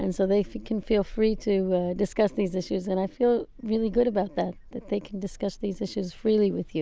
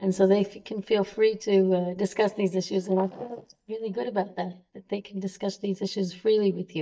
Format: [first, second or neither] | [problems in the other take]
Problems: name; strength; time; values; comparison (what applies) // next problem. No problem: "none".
first | noise reduction (neural mask model DeepFilterNet 3)